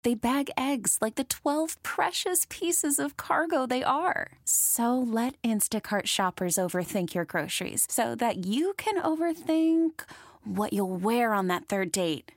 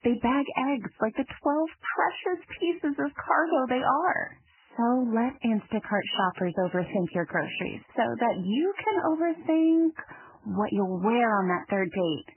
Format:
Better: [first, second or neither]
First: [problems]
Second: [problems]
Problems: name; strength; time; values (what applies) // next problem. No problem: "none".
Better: first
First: none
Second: garbled, watery; badly; nothing above 3 kHz